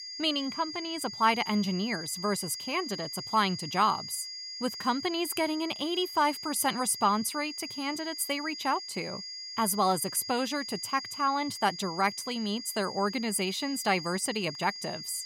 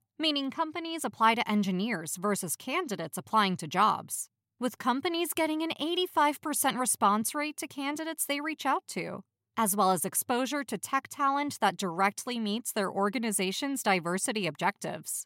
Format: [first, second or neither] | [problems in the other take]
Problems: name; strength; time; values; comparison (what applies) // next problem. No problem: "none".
second | high-pitched whine; loud; throughout; 5 kHz, 8 dB below the speech